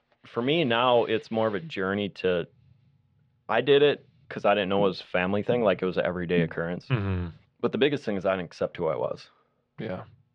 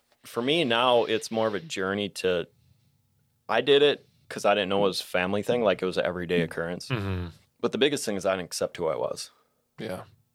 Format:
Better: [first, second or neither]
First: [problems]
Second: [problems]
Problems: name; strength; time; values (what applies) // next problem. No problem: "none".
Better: second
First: muffled; slightly; fading above 3 kHz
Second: none